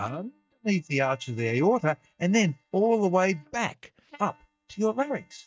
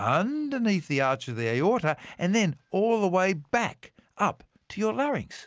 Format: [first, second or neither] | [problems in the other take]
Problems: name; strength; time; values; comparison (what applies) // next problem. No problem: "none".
second | noise reduction (neural mask model DeepFilterNet 3)